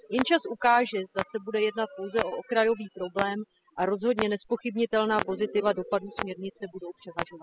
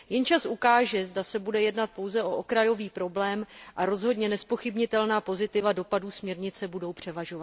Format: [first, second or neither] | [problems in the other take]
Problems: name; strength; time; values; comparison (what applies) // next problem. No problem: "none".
second | noise reduction (classical method spectral subtraction)